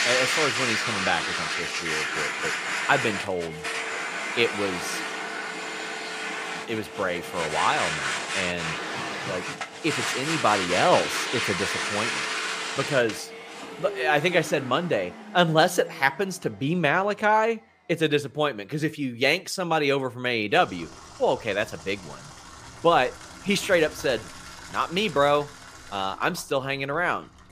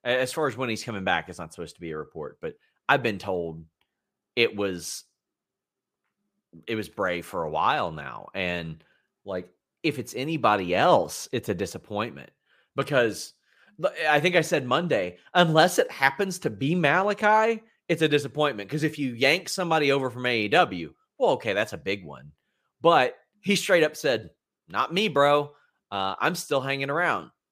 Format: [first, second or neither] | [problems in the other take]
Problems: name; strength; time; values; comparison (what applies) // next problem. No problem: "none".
second | household noises; loud; throughout; 3 dB below the speech